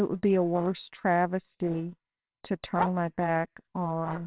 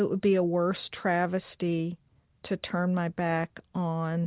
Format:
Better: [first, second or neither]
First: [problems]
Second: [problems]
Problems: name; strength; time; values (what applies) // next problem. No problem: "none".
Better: second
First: noise reduction (neural separator model SepFormer WHAMR!)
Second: none